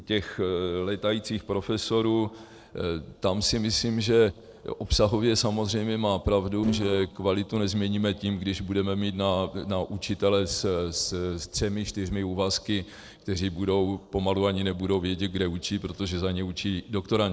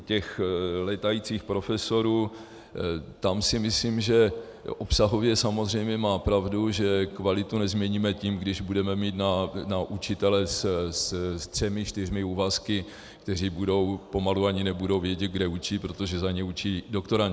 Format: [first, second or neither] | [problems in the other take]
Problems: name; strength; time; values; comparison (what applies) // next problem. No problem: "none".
second | noise reduction (neural separator model SepFormer DNS4)